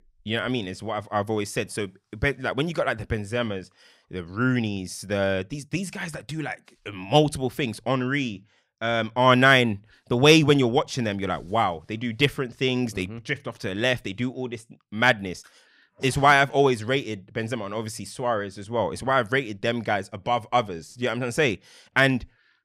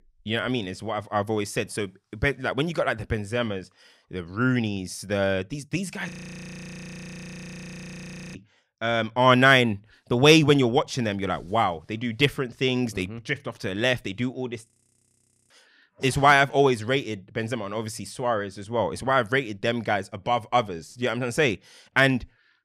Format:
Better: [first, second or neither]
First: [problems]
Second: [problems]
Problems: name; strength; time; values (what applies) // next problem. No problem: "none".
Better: first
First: none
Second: audio freezing; at 6 s for 2.5 s and at 15 s for 1 s